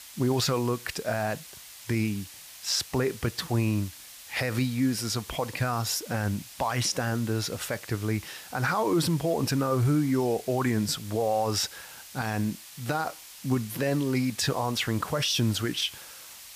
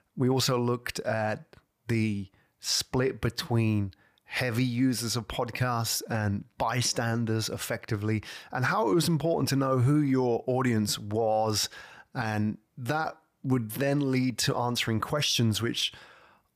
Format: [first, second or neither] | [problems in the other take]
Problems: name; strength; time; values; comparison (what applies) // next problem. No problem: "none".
second | hiss; noticeable; throughout; 15 dB below the speech